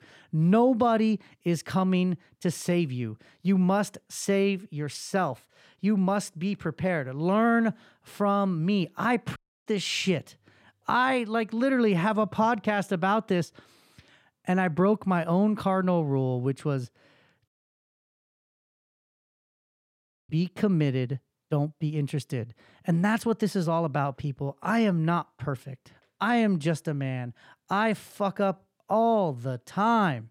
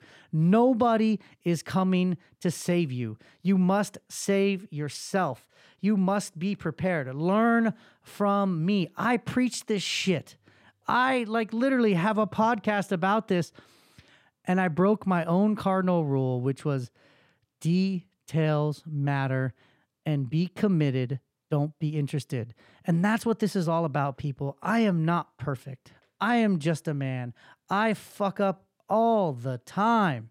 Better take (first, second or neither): second